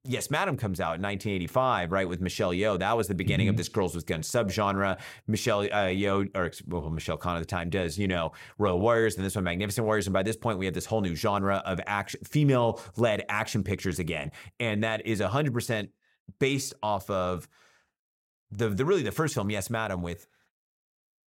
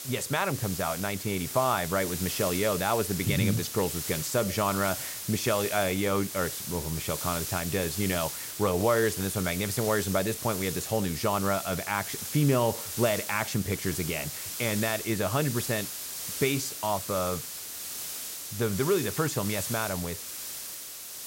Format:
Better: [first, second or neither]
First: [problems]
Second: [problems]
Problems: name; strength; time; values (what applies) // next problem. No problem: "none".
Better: first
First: none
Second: hiss; loud; throughout; 5 dB below the speech